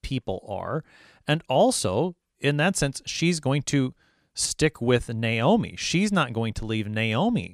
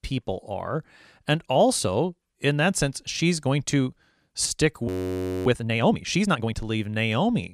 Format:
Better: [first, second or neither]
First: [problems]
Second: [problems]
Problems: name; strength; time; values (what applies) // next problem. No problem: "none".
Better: first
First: none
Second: audio freezing; at 5 s for 0.5 s